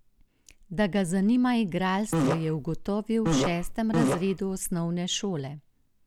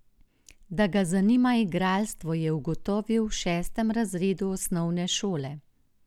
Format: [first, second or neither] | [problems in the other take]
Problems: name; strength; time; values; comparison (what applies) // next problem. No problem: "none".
second | background sound (Fart); as loud as the speech